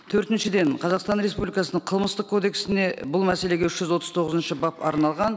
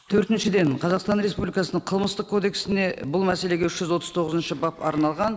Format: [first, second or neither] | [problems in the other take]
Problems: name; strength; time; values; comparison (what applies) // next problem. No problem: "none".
first | noise reduction (neural mask model Resemble Enhance denoiser)